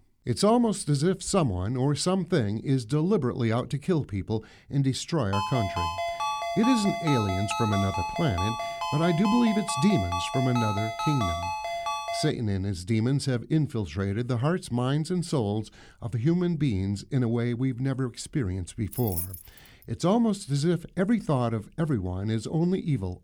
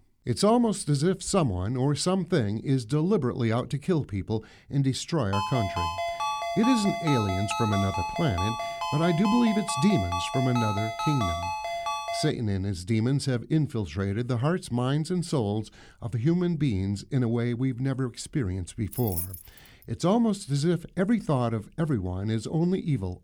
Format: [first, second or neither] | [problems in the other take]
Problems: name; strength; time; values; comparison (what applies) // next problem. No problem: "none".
neither | phone ringing; noticeable; from 5.5 to 12 s; peak 2 dB below the speech; the same in both // jangling keys; noticeable; at 19 s; peak 5 dB below the speech; the same in both